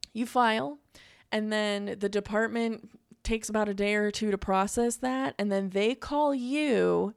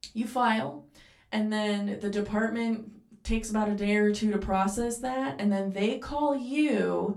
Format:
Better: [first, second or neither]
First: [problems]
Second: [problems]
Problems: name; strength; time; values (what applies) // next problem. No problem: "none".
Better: first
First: none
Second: off-mic speech; far // room echo; very slight; dies away in 0.3 s